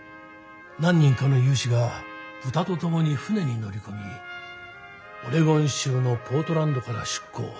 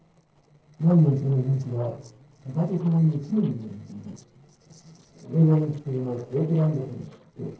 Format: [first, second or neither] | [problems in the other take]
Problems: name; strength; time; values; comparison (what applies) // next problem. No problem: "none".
first | noise reduction (neural separator model SepFormer DNS4)